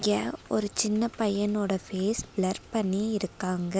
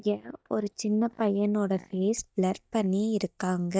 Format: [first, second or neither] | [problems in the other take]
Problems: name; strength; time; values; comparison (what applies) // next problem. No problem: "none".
first | noise reduction (neural mask model DeepFilterNet 3)